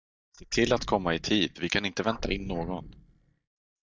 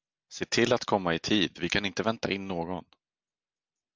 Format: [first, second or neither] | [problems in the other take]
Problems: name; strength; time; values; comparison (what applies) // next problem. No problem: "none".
second | noise reduction (neural mask model DeepFilterNet 3)